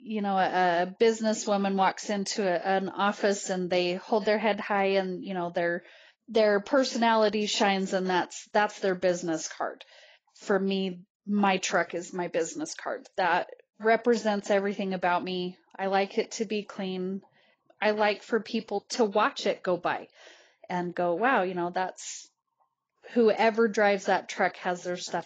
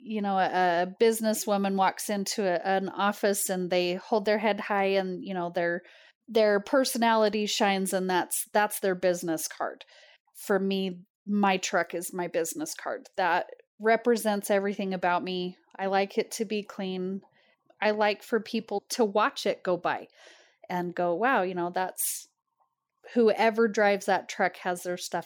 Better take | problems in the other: second | garbled, watery; badly; nothing above 7.5 kHz

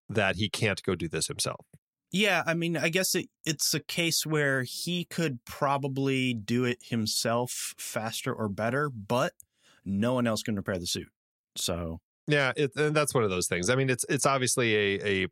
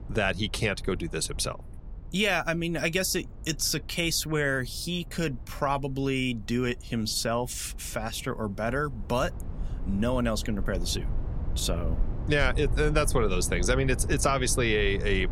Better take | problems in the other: first | low rumble; faint; throughout; 20 dB below the speech

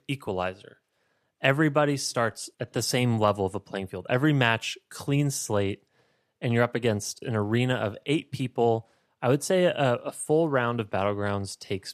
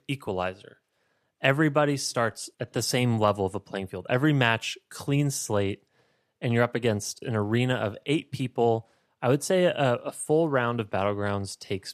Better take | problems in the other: neither | none

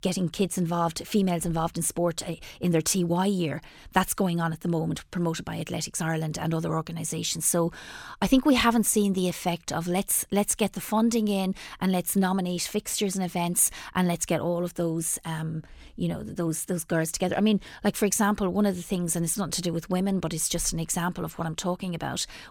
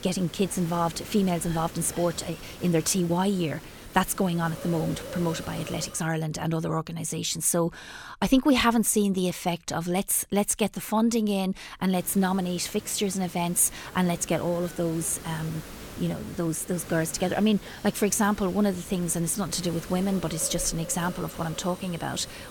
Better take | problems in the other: first | hiss; noticeable; until 6 s and from 12 s on; 15 dB below the speech

